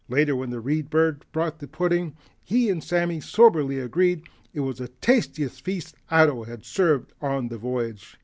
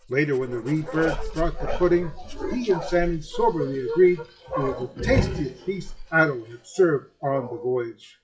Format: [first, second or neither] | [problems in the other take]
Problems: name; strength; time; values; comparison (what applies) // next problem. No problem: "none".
first | noise reduction (classical method WPE with log-MMSE)